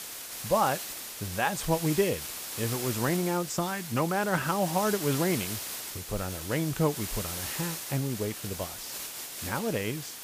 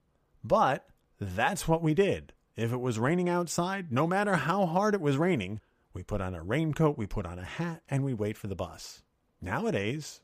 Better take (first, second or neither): second